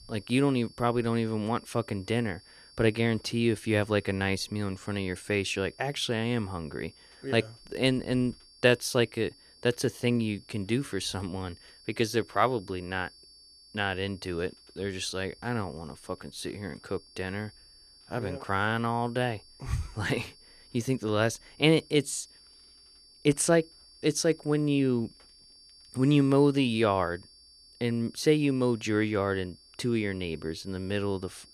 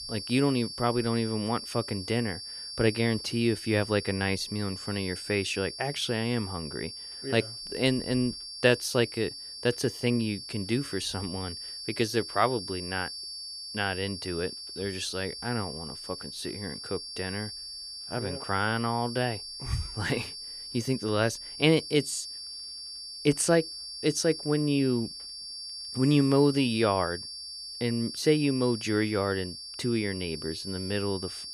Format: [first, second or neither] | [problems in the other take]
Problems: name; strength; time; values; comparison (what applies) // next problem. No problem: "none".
first | high-pitched whine; loud; throughout; 4.5 kHz, 8 dB below the speech; faint in the first